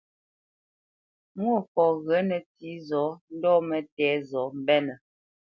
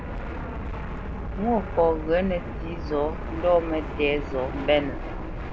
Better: first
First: none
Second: background sound (Fixed-wing aircraft, airplane); 5 dB below the speech

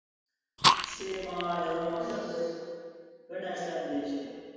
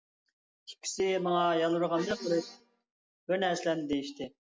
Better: second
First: background sound (Fire); 5 dB above the speech // room echo; dies away in 1.9 s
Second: none

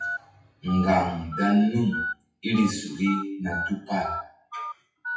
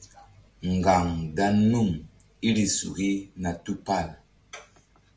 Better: second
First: noise reduction (classical method WPE with log-MMSE)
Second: none

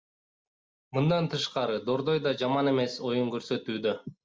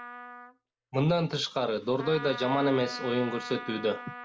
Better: first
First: none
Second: background sound (Trumpet); 13 dB below the speech

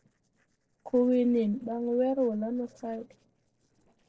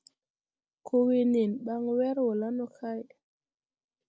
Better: second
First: noise reduction (neural separator model SepFormer DNS4)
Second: none

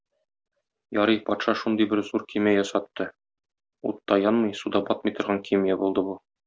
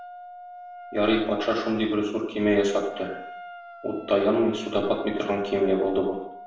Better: first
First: none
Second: background sound (Wind instrument, woodwind instrument); 16 dB below the speech // room echo; dies away in 0.6 s

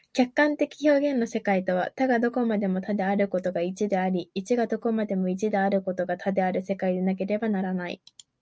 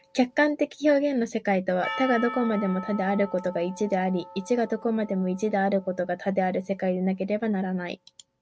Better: first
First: none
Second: background sound (Percussion); 16 dB below the speech

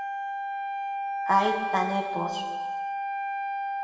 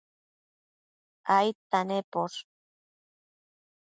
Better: second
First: background sound (Wind instrument, woodwind instrument); as loud as the speech // room echo; dies away in 1.3 s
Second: none

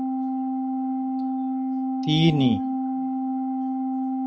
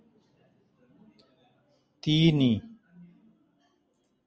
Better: second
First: noise reduction (neural mask model RNNoise)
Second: none

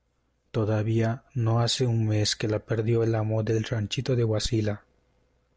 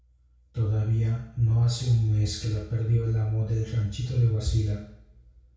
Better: first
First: none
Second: room echo; dies away in 0.6 s

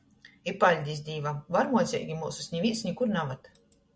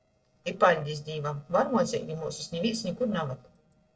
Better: first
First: none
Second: noise reduction (neural separator model SepFormer DNS4)

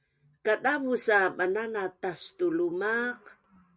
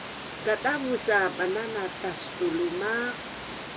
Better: first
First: none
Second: background sound (Water); 9 dB below the speech

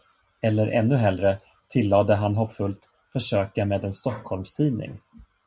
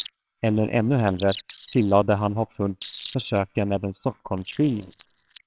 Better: first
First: none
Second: noise reduction (neural separator model SepFormer WHAMR!)

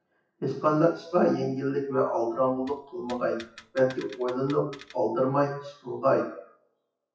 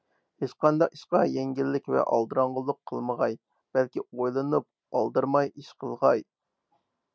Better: second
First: noise reduction (classical method WPE with log-MMSE)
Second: none

